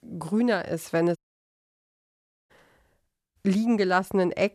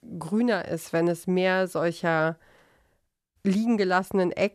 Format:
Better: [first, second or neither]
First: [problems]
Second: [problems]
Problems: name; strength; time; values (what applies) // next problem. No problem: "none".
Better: second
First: audio cutting out; at 1 s for 1.5 s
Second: none